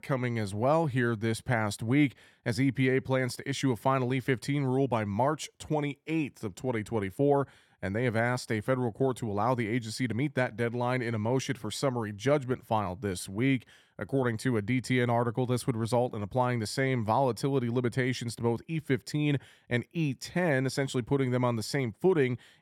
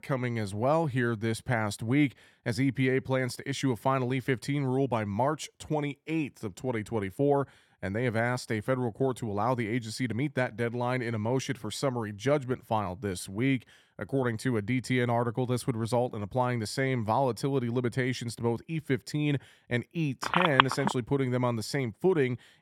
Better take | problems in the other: first | phone ringing; loud; at 20 s; peak 6 dB above the speech

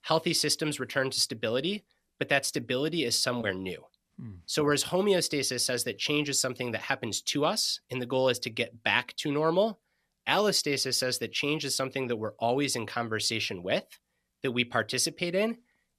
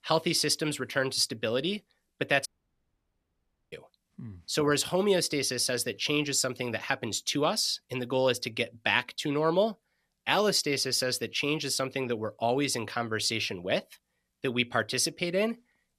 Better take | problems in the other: first | audio cutting out; at 2.5 s for 1.5 s

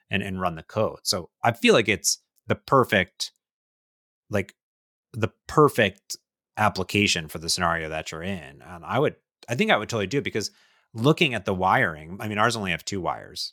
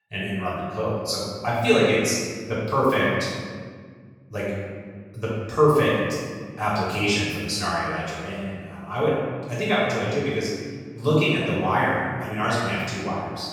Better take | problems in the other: first | room echo; strong; dies away in 1.7 s // off-mic speech; far

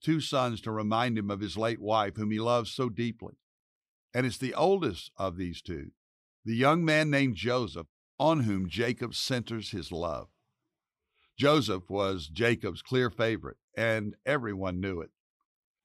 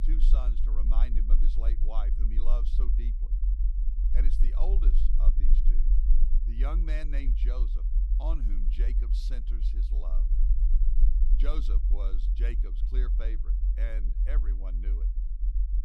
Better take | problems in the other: first | low rumble; loud; throughout; 7 dB below the speech

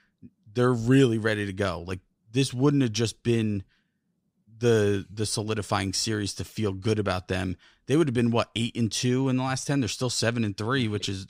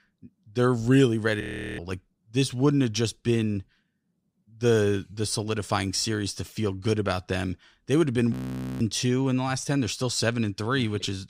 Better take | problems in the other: first | audio freezing; at 1.5 s and at 8.5 s

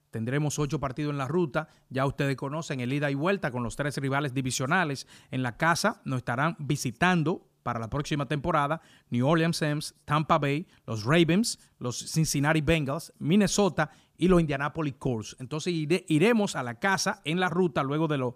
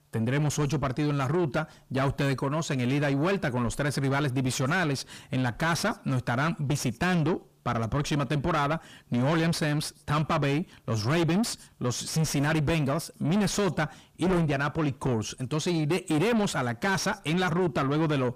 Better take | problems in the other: first | distortion; heavy; 6 dB below the speech

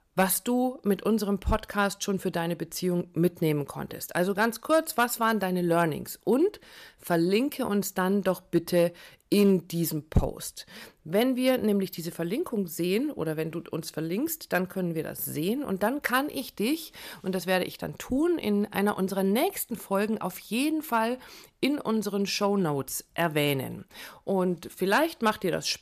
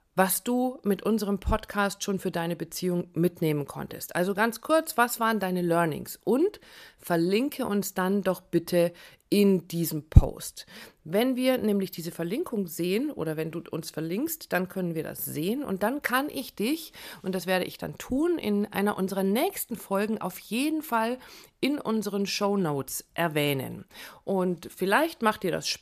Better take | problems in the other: second | distortion; slight; 0.5% of the sound clipped

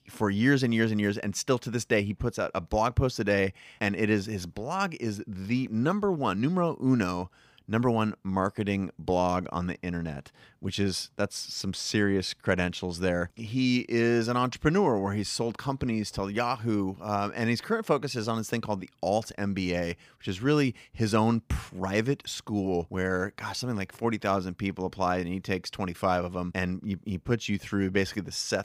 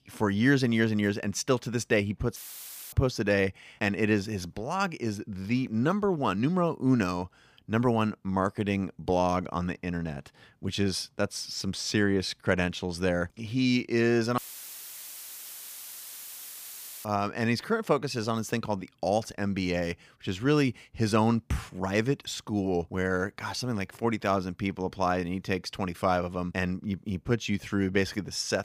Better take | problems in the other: first | audio cutting out; filled with static; at 2.5 s for 0.5 s and at 14 s for 2.5 s

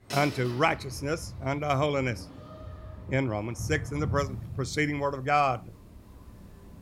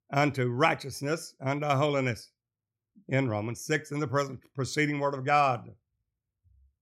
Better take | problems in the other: second | animal sounds; noticeable; throughout; 10 dB below the speech

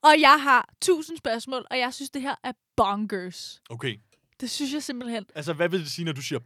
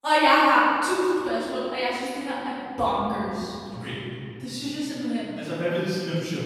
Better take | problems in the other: first | room echo; strong; dies away in 2.8 s // off-mic speech; far

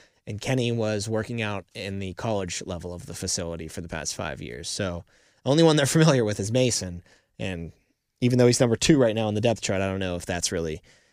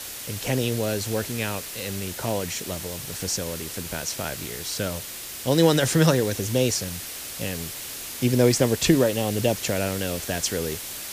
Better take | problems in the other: first | hiss; loud; throughout; 8 dB below the speech

